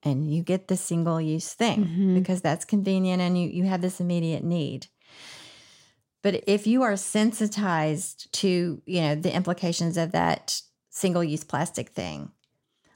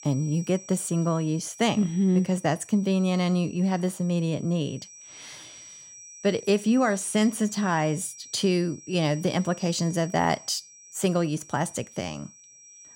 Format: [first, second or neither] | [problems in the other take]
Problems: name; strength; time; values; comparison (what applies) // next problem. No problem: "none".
first | high-pitched whine; noticeable; throughout; 6 kHz, 20 dB below the speech